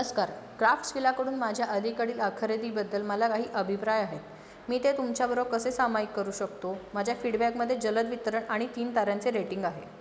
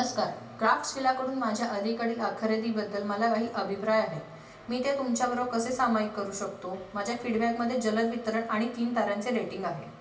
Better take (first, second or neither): first